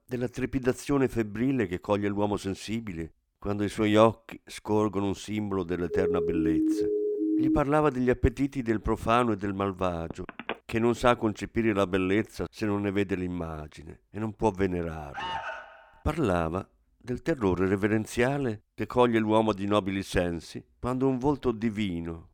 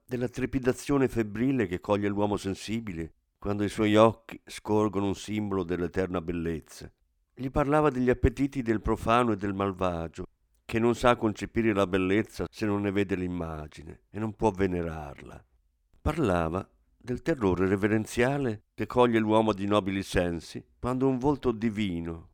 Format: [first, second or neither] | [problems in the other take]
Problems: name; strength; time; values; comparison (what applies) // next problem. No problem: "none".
second | siren; loud; from 6 to 7.5 s; peak 2 dB above the speech // phone ringing; noticeable; at 10 s; peak 10 dB below the speech // alarm; noticeable; at 15 s; peak 6 dB below the speech